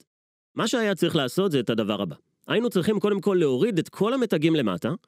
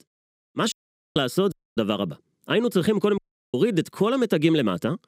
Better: first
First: none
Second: audio cutting out; at 0.5 s, at 1.5 s and at 3 s

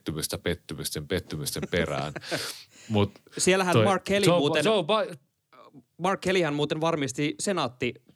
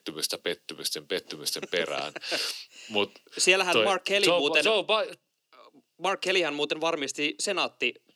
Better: first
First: none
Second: thin; somewhat; fading below 400 Hz

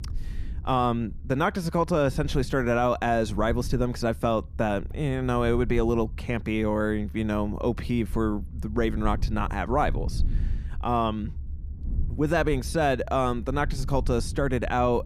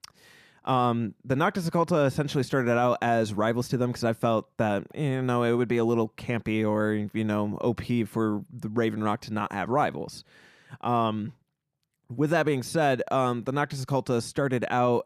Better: second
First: low rumble; faint; throughout; 25 dB below the speech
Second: none

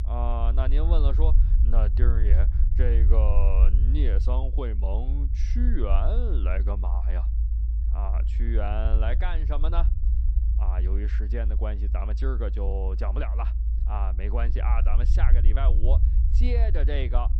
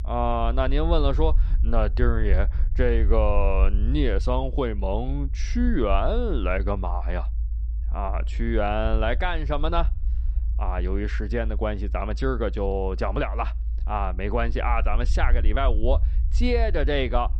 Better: second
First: low rumble; loud; throughout; 9 dB below the speech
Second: low rumble; faint; throughout; 20 dB below the speech

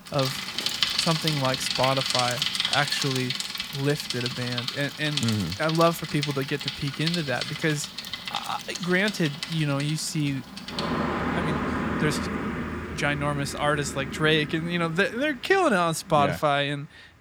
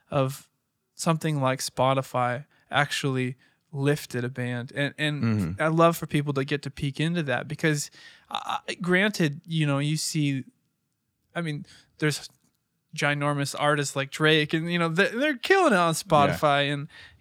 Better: second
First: traffic noise; loud; throughout; 3 dB below the speech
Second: none

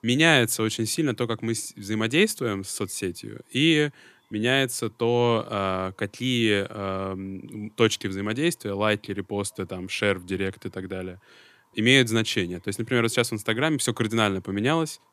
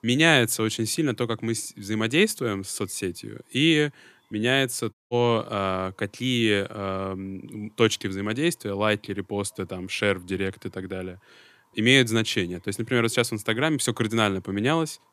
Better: first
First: none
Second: audio cutting out; at 5 s

